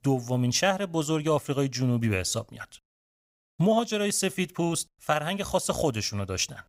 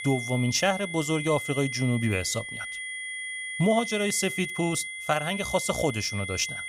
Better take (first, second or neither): first